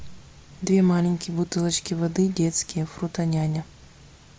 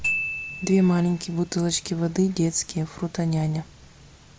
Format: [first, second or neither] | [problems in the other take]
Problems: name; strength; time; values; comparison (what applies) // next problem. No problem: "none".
first | background sound (Glockenspiel); 10 dB below the speech